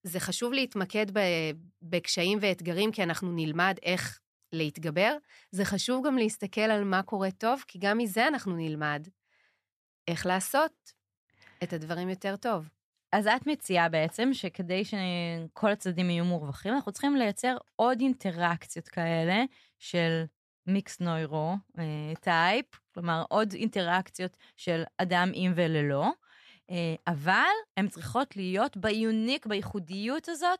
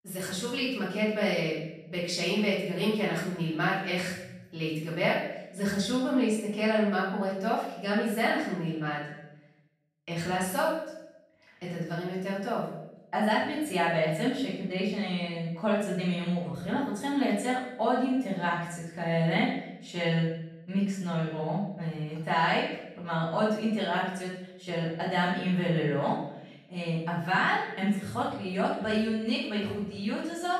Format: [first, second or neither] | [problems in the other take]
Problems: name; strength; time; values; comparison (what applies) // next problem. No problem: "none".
first | off-mic speech; far // room echo; noticeable; dies away in 0.8 s